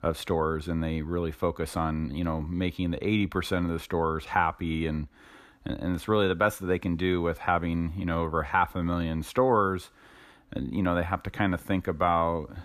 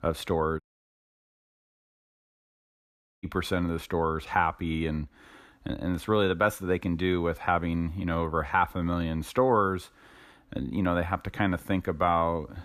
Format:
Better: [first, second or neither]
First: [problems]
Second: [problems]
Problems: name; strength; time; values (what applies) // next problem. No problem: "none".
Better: first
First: none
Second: audio cutting out; at 0.5 s for 2.5 s